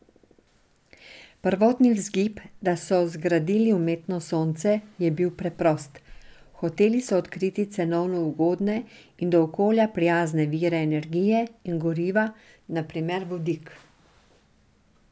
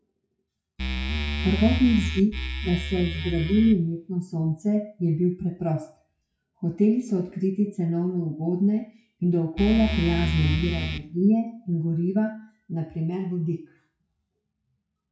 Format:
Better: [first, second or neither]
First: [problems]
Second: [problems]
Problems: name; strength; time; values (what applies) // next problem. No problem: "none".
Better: first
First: none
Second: noise reduction (classical method WPE with log-MMSE)